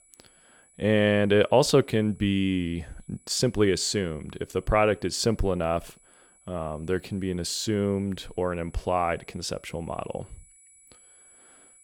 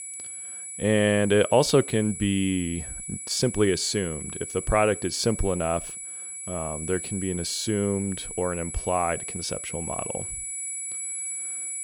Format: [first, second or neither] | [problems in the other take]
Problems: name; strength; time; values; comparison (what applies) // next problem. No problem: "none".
first | high-pitched whine; loud; throughout; 10.5 kHz, 7 dB below the speech; faint in the first